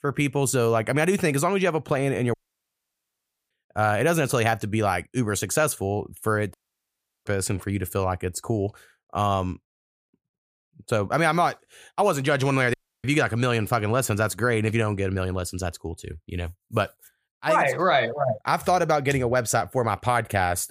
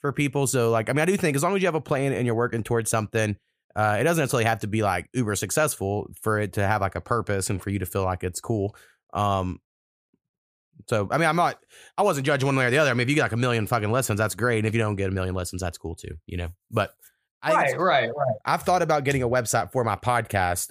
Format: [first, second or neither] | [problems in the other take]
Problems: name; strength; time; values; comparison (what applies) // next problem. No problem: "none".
second | audio cutting out; at 2.5 s for 1 s, at 6.5 s for 0.5 s and at 13 s